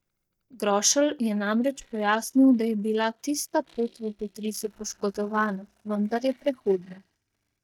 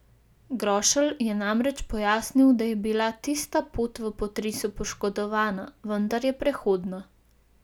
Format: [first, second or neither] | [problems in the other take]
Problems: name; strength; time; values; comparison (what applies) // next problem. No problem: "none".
second | noise reduction (neural mask model DeepFilterNet 3)